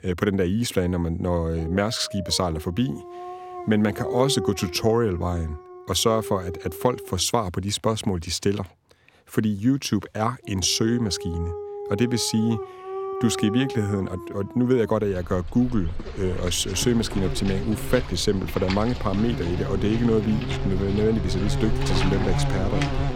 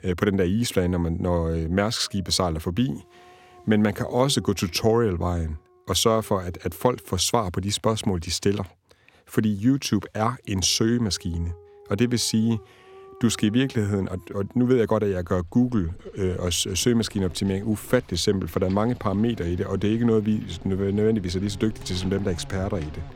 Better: second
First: animal sounds; loud; throughout; 7 dB below the speech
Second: animal sounds; faint; throughout; 25 dB below the speech

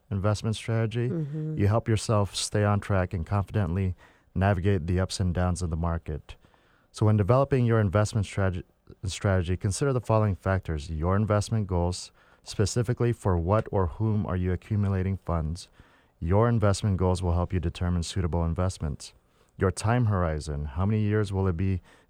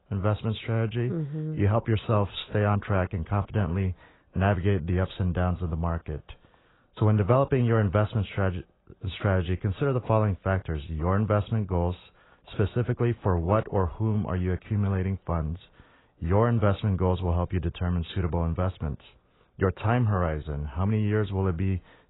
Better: first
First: none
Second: garbled, watery; badly; nothing above 4 kHz

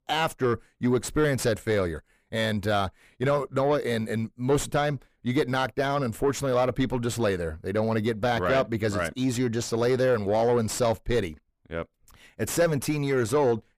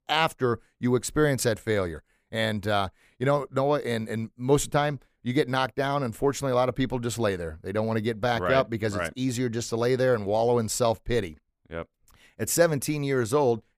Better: second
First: distortion; slight; 10 dB below the speech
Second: none

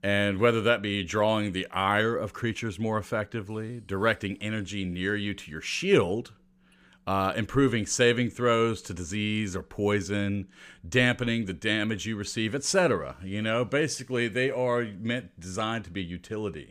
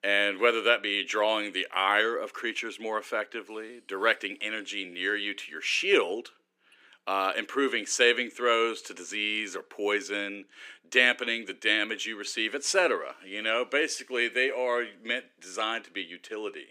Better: first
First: none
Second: thin; somewhat; fading below 300 Hz

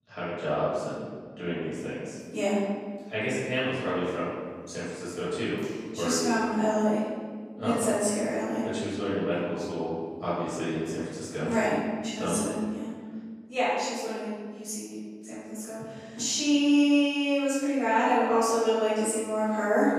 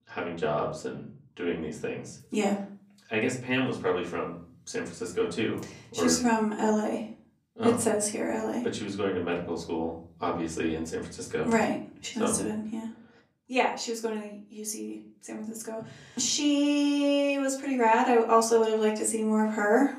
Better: second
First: room echo; strong; dies away in 1.6 s // off-mic speech; far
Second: room echo; slight; dies away in 0.5 s // off-mic speech; far

